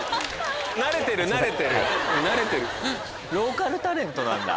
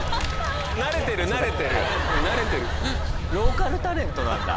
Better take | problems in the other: first | background sound (Truck); as loud as the speech

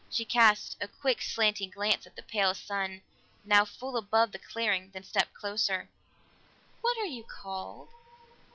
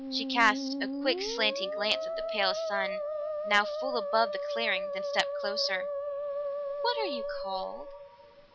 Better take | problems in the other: first | background sound (Musical instrument); 2 dB below the speech

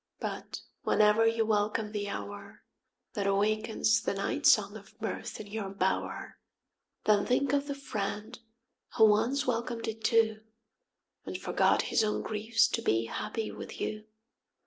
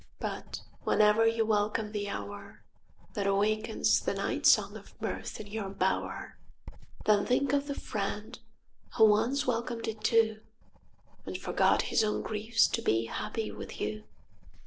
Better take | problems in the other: first | background sound (Writing); 13 dB below the speech

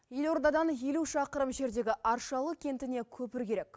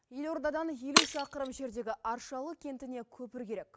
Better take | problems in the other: first | background sound (Shatter); 2 dB above the speech

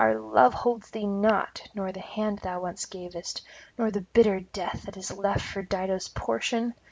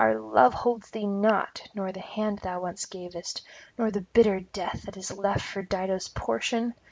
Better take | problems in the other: first | noise reduction (neural mask model Resemble Enhance denoiser)

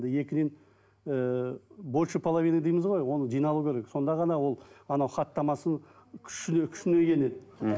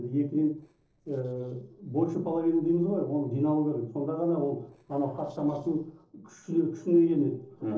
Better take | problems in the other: first | noise reduction (neural separator model SepFormer DNS4)

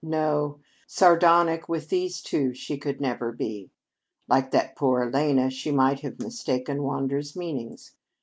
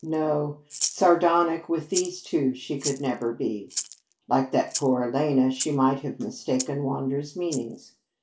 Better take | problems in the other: first | background sound (Rattle (instrument)); 12 dB below the speech // room echo; dies away in 0.3 s

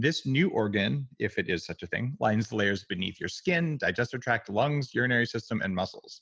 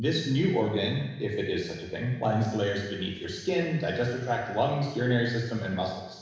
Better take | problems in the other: first | room echo; dies away in 1 s

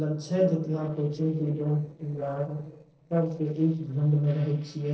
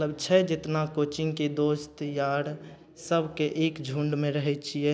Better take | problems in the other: second | noise reduction (neural separator model SepFormer DNS4)

